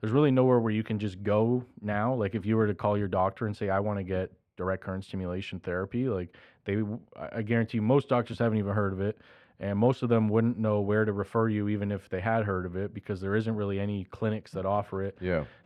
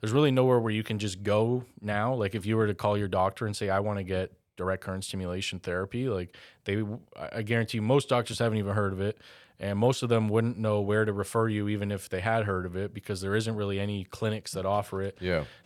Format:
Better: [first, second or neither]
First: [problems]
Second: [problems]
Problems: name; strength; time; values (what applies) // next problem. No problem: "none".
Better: second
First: muffled; slightly; fading above 4 kHz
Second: none